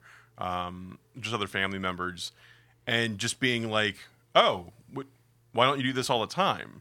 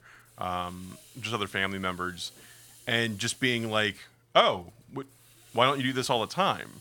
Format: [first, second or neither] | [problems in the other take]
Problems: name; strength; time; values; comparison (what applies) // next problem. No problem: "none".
first | hiss; faint; throughout; 25 dB below the speech